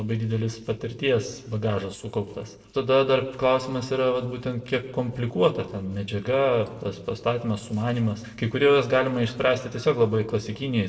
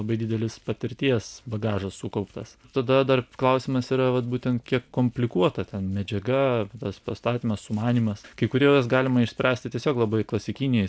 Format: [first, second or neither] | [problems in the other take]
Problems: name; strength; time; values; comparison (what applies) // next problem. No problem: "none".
second | noise reduction (neural separator model SepFormer DNS4)